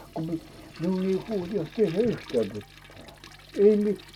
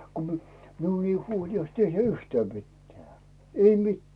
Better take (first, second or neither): second